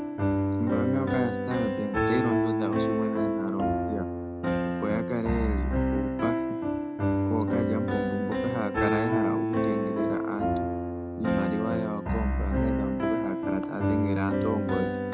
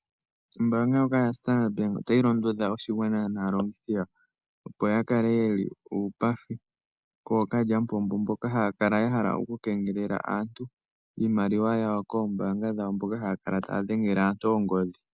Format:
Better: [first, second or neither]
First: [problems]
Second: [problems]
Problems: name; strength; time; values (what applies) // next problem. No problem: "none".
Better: second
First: background sound (Piano); 5 dB above the speech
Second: none